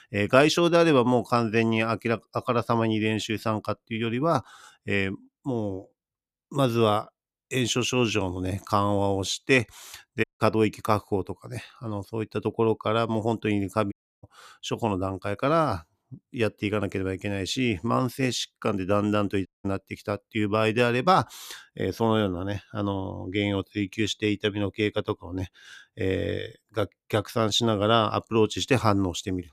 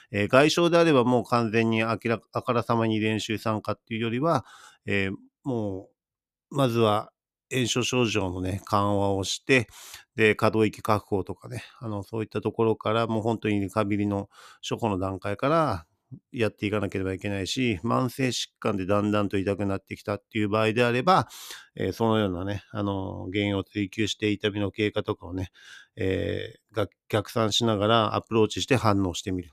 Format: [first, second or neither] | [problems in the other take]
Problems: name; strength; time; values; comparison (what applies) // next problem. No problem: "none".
second | audio cutting out; at 10 s, at 14 s and at 19 s